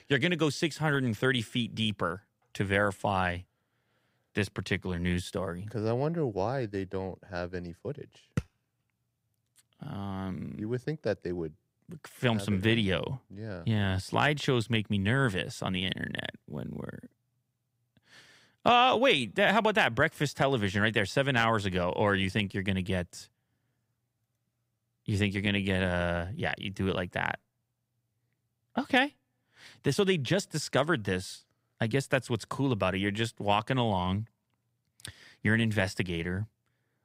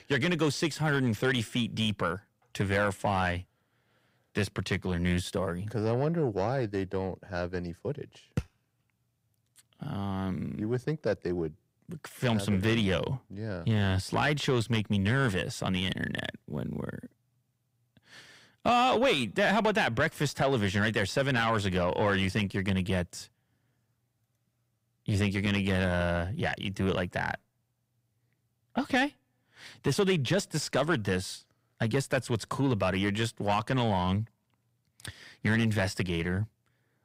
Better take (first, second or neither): first